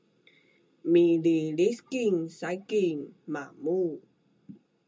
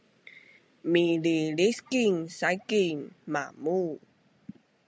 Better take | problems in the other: second | room echo; dies away in 0.2 s

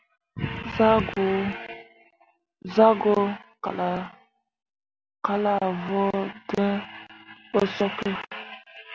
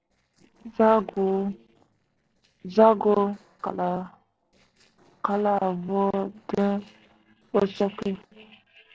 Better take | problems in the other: first | noise reduction (neural separator model SepFormer DNS4)

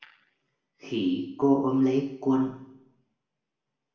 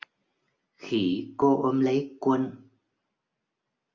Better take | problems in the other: second | room echo; dies away in 0.7 s

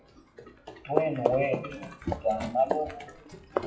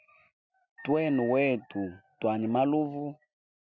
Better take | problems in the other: second | noise reduction (classical method WPE with log-MMSE)

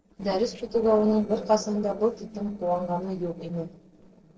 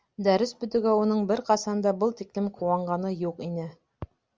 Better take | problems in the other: second | noise reduction (neural separator model SepFormer DNS4)

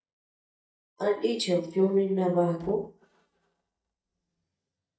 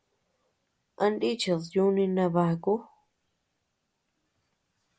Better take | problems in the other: second | noise reduction (neural mask model DeepFilterNet 3)

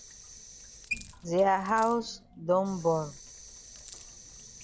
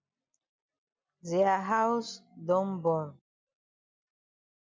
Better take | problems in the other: second | background sound (Coin (dropping) + Sink (filling or washing) / Water tap, faucet); 15 dB below the speech

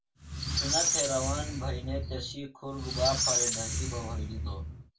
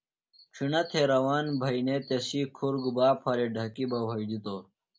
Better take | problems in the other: second | background sound (Squeak); 4 dB above the speech // room echo; dies away in 0.2 s

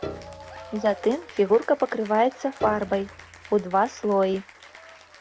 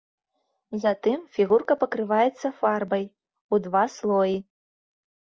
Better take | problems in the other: second | background sound (Piano + Applause / Cheering); 16 dB below the speech

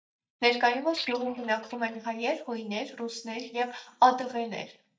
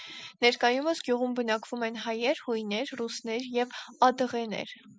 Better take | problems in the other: second | noise reduction (neural mask model DeepFilterNet 3)

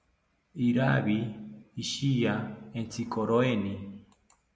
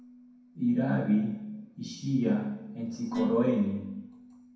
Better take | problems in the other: first | background sound (Dishes, pots, and pans); 11 dB below the speech // room echo; dies away in 0.6 s

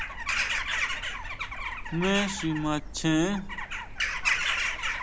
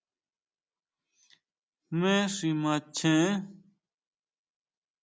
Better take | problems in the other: second | background sound (Bird vocalization, bird call, bird song / Crow); 1 dB above the speech

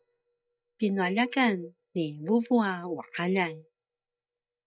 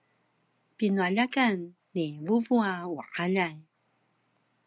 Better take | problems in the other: second | noise reduction (neural mask model DeepFilterNet 3)

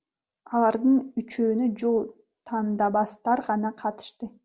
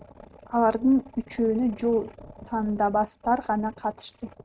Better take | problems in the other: first | noise reduction (neural mask model RNNoise)

